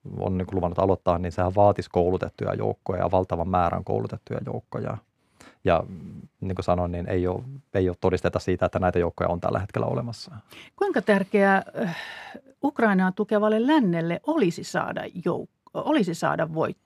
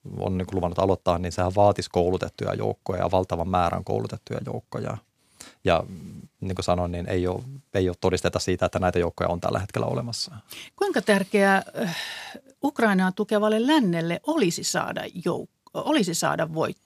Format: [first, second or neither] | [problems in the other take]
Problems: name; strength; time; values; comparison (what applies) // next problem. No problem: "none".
second | muffled; slightly; fading above 3 kHz